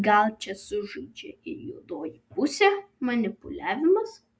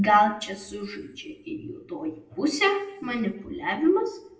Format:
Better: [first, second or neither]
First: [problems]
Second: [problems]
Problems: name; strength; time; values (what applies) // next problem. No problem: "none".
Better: first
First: none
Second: room echo; dies away in 0.5 s